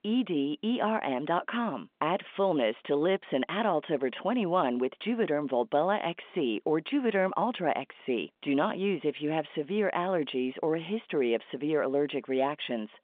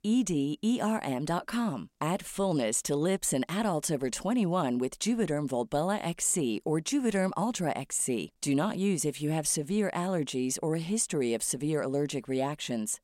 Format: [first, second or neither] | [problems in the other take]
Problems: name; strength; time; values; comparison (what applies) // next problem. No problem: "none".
second | phone-call audio; nothing above 3.5 kHz